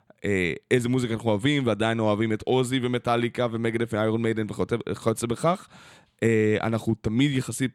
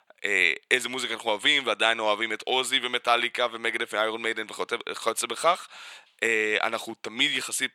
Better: first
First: none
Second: thin; very; fading below 750 Hz

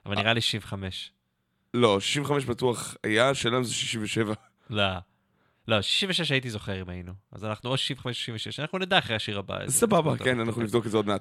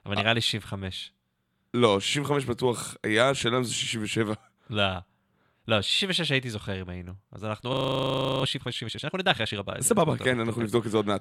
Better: first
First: none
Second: audio freezing; at 7.5 s for 0.5 s

